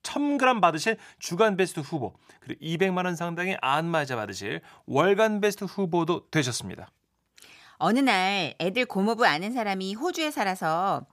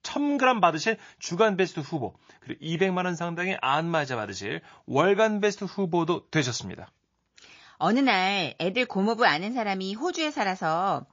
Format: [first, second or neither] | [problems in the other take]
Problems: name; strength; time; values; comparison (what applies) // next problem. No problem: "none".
first | garbled, watery; slightly; nothing above 6.5 kHz